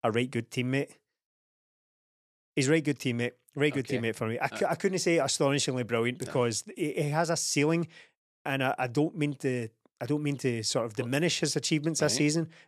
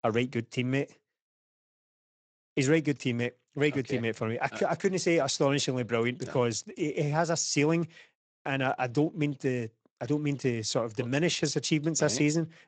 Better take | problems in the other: first | garbled, watery; slightly; nothing above 7.5 kHz

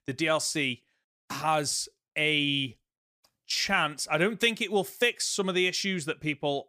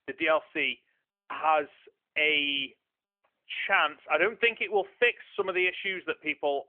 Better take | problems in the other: first | phone-call audio; nothing above 3 kHz

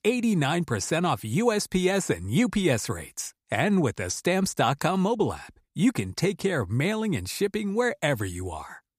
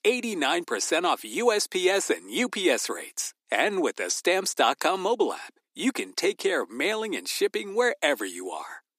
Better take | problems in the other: first | thin; somewhat; fading below 300 Hz

